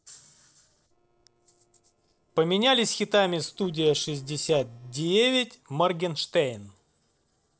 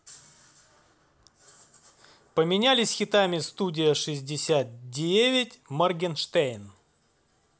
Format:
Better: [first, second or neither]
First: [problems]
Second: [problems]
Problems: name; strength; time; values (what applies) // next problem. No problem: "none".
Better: second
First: noise reduction (neural separator model SepFormer DNS4)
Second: none